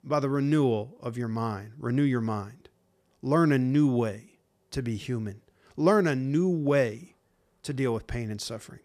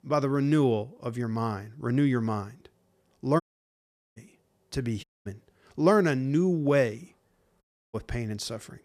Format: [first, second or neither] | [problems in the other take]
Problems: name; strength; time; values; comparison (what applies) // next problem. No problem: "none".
first | audio cutting out; at 3.5 s for 1 s, at 5 s and at 7.5 s